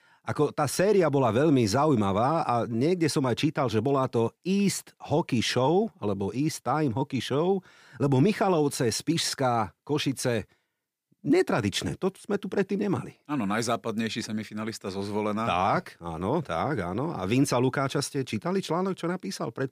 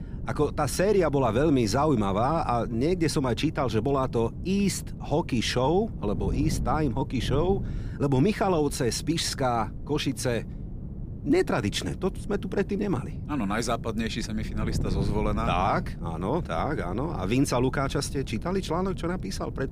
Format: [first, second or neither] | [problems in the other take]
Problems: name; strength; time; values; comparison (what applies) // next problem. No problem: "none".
first | wind noise on the microphone; occasional gusts; 20 dB below the speech